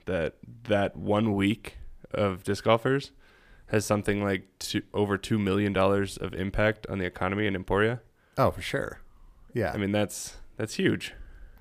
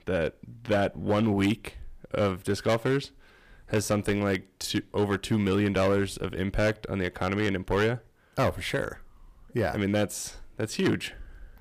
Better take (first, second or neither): first